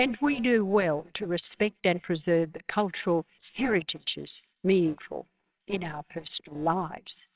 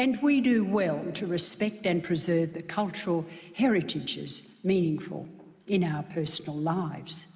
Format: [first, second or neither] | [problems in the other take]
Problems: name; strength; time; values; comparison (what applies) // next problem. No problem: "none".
second | noise reduction (neural separator model SepFormer WHAMR!)